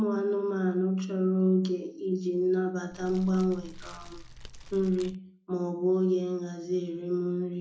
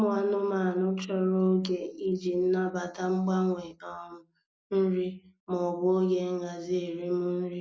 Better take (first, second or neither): second